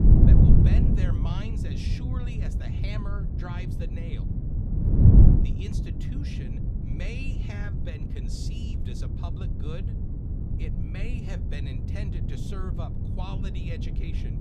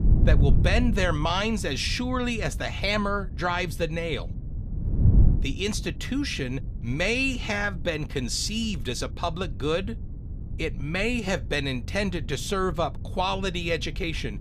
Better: second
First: wind noise on the microphone; heavy; 5 dB above the speech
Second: wind noise on the microphone; occasional gusts; 15 dB below the speech

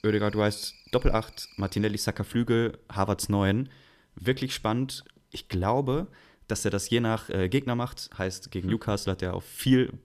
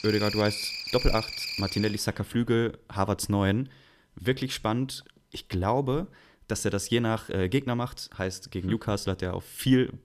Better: first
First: animal sounds; faint; until 2.5 s; 25 dB below the speech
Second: animal sounds; loud; until 2.5 s; 4 dB below the speech

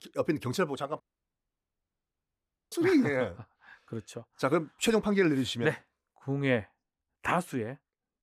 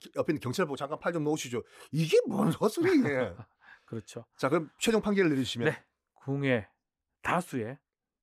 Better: second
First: audio cutting out; at 1 s for 1.5 s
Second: none

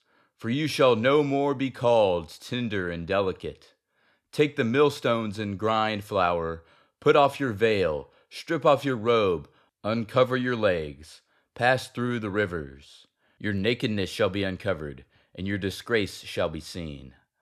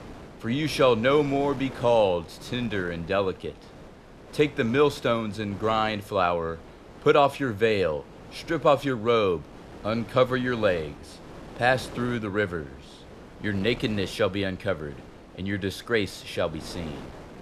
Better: first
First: none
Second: wind noise on the microphone; occasional gusts; 20 dB below the speech

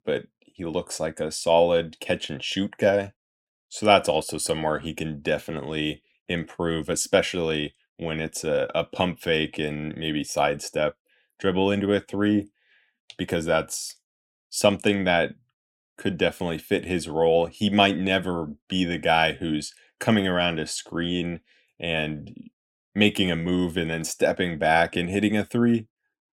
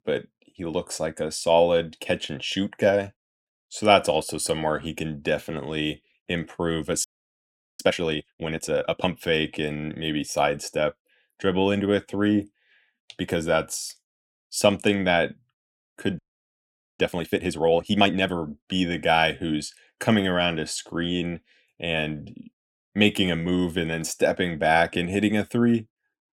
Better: first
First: none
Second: audio freezing; at 7 s for 1 s and at 16 s for 1 s

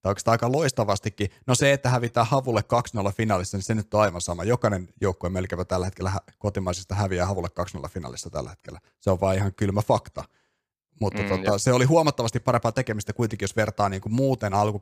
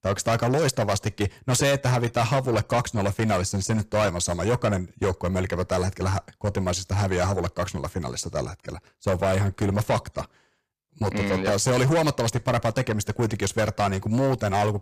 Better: first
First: none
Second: distortion; heavy; 7 dB below the speech

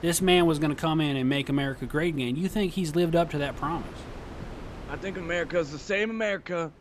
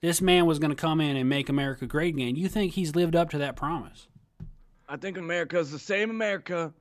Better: second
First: wind noise on the microphone; occasional gusts; 20 dB below the speech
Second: none

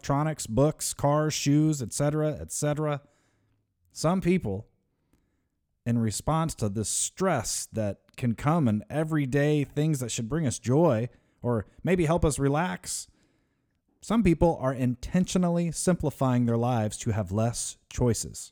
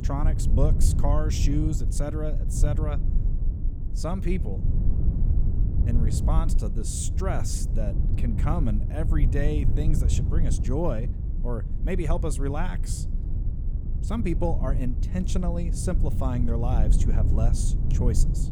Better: first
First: none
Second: low rumble; loud; throughout; 7 dB below the speech

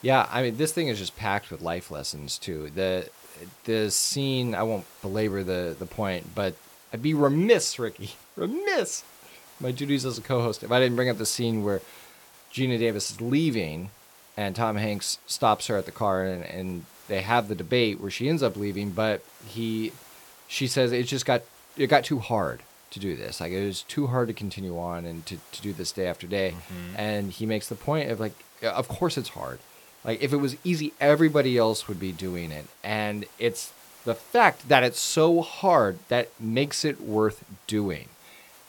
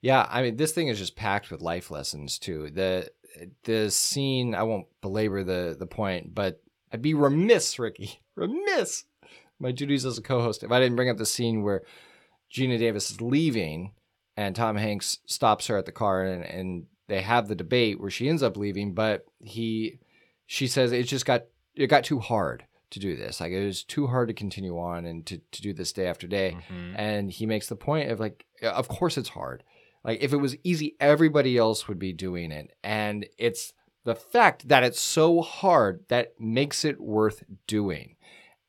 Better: second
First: hiss; faint; throughout; 25 dB below the speech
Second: none

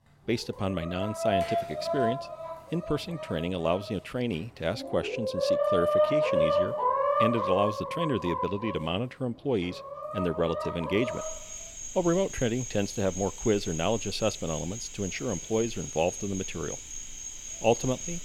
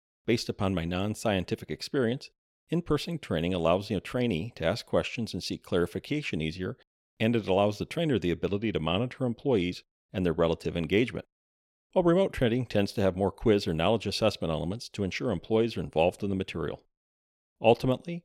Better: second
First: animal sounds; loud; throughout; 1 dB below the speech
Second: none

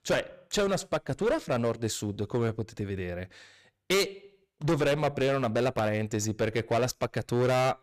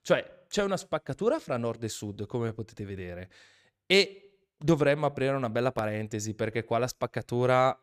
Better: second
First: distortion; heavy; 13% of the sound clipped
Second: none

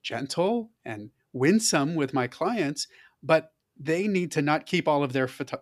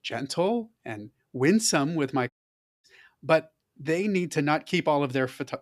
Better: first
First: none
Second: audio cutting out; at 2.5 s for 0.5 s

